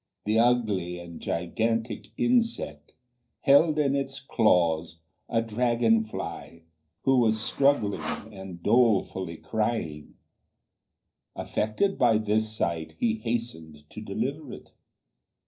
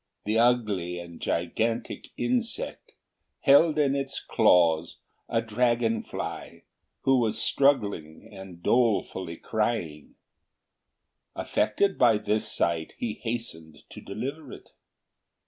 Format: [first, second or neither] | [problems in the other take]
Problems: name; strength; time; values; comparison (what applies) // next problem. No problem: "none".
second | noise reduction (neural separator model SepFormer DNS4)